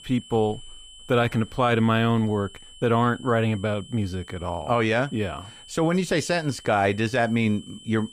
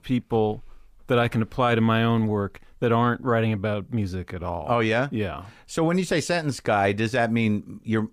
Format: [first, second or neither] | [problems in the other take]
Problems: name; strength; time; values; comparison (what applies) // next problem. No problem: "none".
second | high-pitched whine; faint; throughout; 3 kHz, 20 dB below the speech